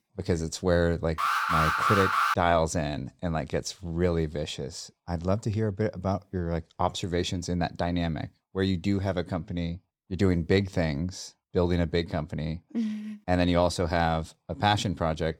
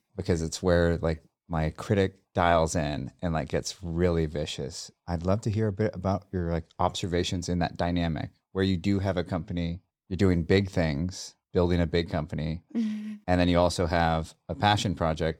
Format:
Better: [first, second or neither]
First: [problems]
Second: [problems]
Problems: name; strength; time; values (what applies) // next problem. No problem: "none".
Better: second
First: alarm; loud; from 1 to 2.5 s; peak 5 dB above the speech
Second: none